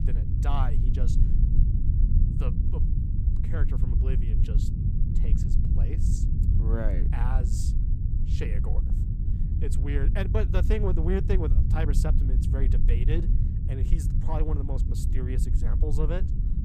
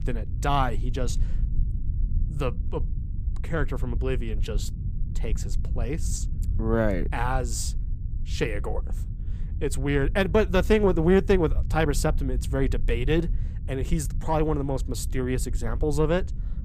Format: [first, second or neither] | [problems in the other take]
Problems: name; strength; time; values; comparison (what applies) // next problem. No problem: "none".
second | low rumble; loud; throughout; 4 dB below the speech; faint in the second